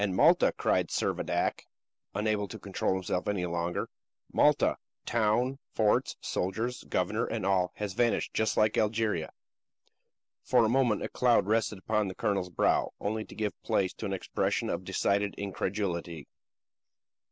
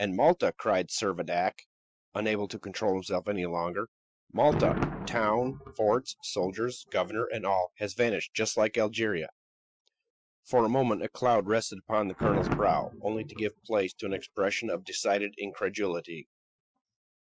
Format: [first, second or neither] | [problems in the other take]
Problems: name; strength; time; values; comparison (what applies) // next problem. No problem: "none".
first | noise reduction (classical method Wiener filter)